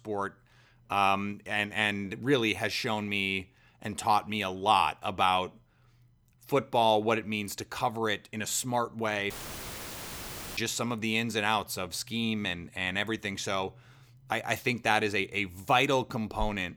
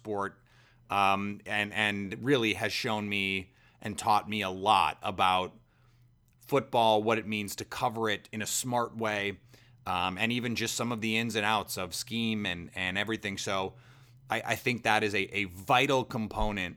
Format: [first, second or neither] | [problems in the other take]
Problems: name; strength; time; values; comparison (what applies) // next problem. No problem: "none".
second | audio cutting out; filled with static; at 9.5 s for 1.5 s